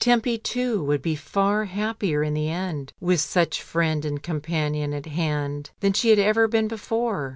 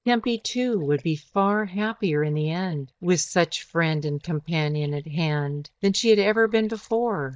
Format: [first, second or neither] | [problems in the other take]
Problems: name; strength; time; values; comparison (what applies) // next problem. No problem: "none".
first | noise reduction (neural mask model DeepFilterNet 3)